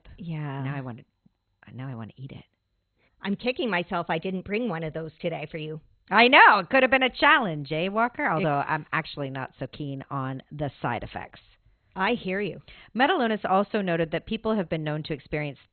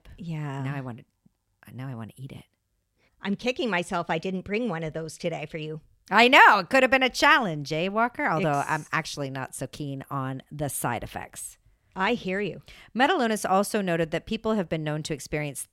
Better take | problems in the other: second | garbled, watery; badly; nothing above 4 kHz

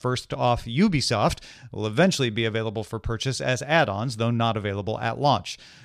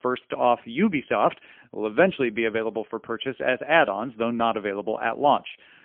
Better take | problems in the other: first | phone-call audio; poor line; nothing above 3.5 kHz

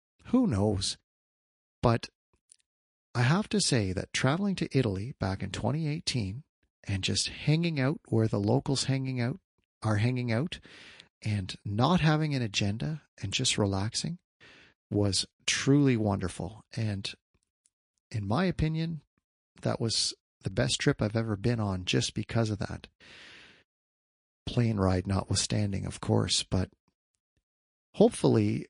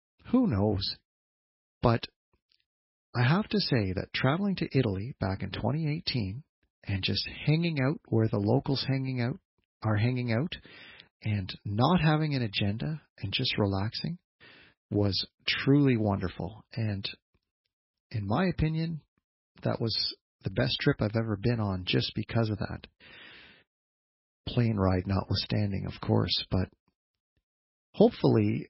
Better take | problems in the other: first | garbled, watery; badly; nothing above 5.5 kHz; slightly in the first

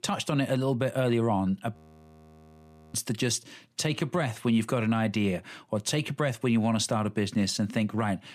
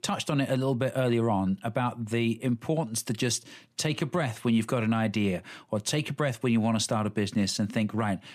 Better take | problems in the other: second | audio freezing; at 2 s for 1 s

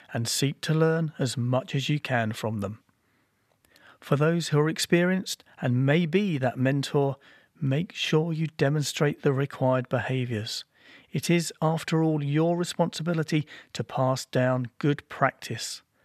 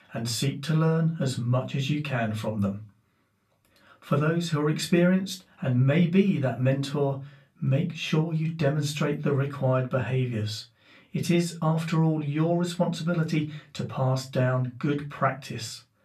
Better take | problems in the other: first | off-mic speech; far // room echo; very slight; dies away in 0.2 s

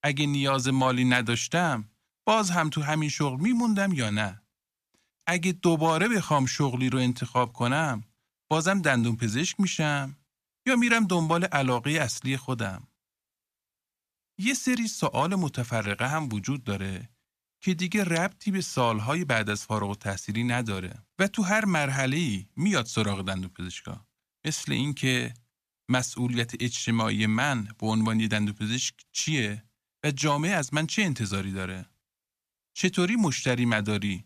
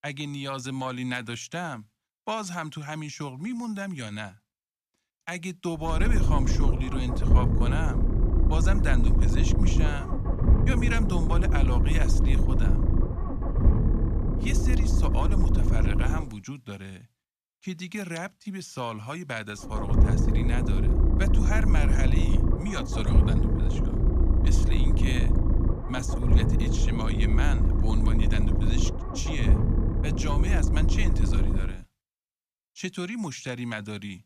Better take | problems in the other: first | low rumble; loud; from 6 to 16 s and from 20 to 32 s; 2 dB below the speech

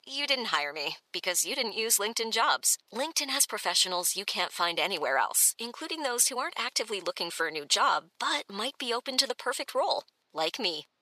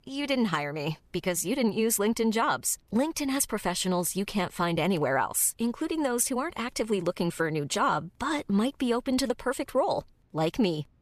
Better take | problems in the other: second | thin; very; fading below 600 Hz

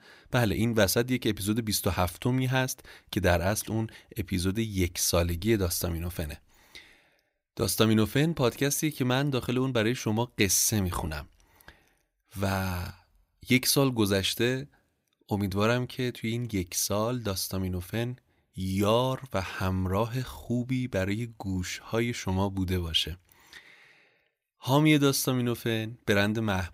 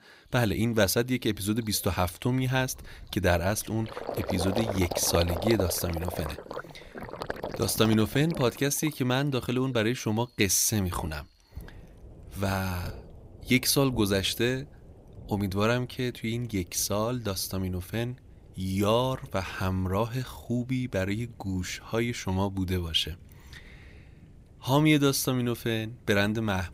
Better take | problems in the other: first | rain or running water; noticeable; throughout; 10 dB below the speech

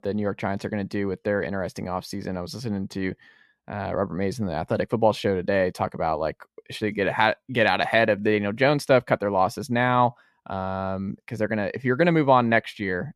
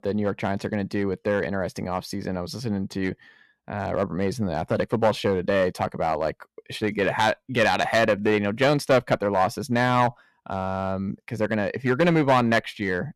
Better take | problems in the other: first | distortion; slight; 3% of the sound clipped

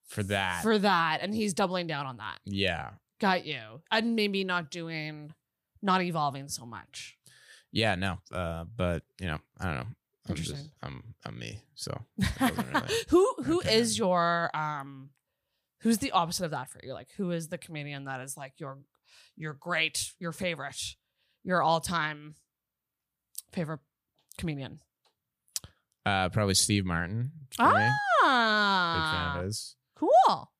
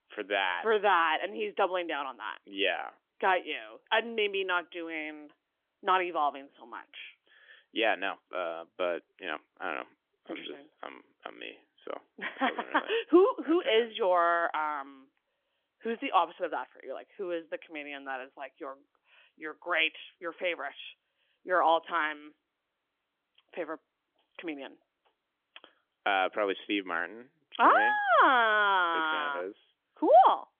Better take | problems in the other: first | phone-call audio; nothing above 3.5 kHz

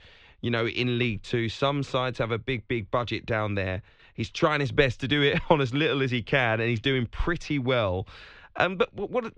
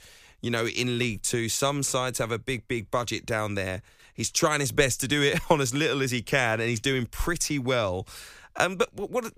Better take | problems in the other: second | muffled; very; fading above 3.5 kHz

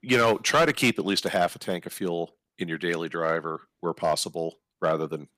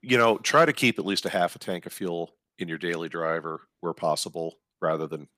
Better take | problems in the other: second | distortion; slight; 2% of the sound clipped

